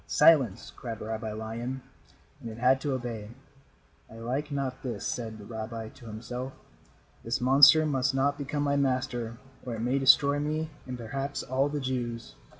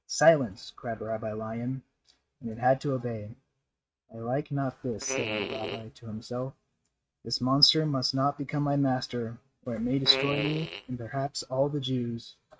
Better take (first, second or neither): first